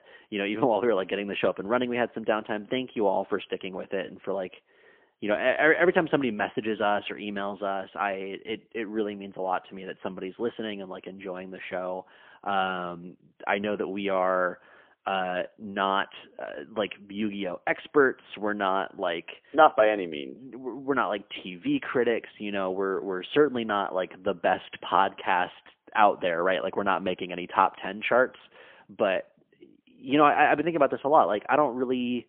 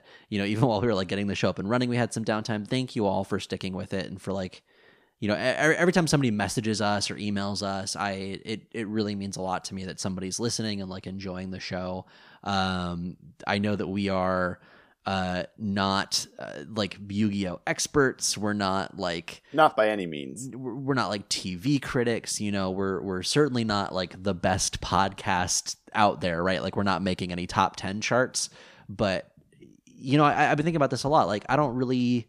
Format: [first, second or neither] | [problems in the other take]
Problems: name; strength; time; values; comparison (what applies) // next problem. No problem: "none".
second | phone-call audio; poor line; nothing above 3.5 kHz